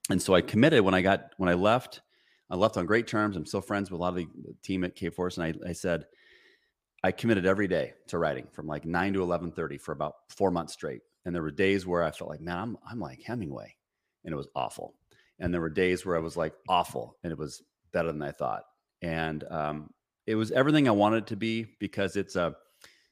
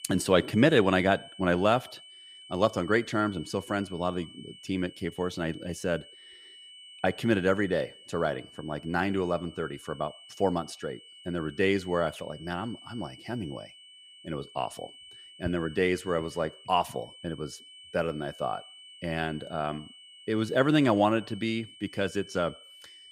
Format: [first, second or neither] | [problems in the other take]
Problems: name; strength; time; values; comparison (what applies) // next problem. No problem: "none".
first | high-pitched whine; noticeable; throughout; 3 kHz, 20 dB below the speech